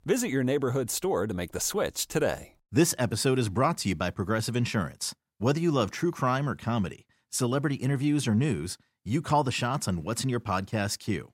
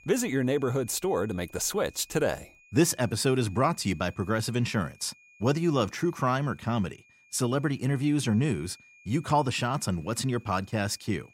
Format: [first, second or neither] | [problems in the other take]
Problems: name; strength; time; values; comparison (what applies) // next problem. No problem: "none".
first | high-pitched whine; faint; throughout; 2.5 kHz, 25 dB below the speech